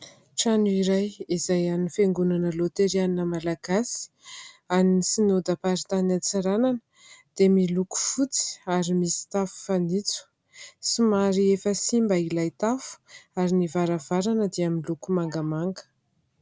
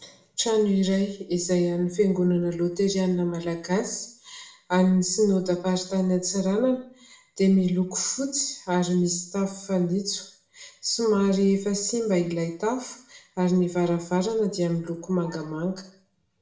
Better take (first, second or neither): first